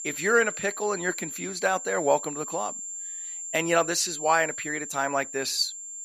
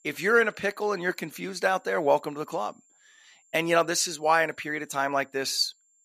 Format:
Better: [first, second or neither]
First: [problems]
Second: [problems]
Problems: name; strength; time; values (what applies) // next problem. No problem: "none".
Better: second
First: high-pitched whine; loud; throughout; 7.5 kHz, 7 dB below the speech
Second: high-pitched whine; faint; throughout; 7.5 kHz, 35 dB below the speech